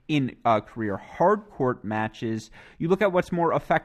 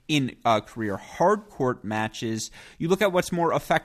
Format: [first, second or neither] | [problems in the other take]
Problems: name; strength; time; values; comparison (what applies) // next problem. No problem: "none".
second | muffled; slightly; fading above 3.5 kHz